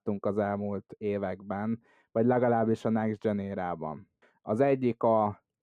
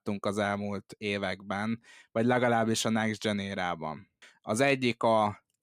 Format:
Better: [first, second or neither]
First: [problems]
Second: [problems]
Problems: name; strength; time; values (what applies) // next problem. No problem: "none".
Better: second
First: muffled; very; fading above 2 kHz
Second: none